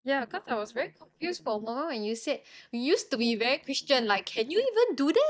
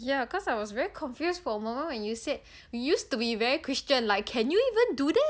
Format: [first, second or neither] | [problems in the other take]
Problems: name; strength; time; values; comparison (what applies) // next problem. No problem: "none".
second | noise reduction (neural mask model DeepFilterNet 3)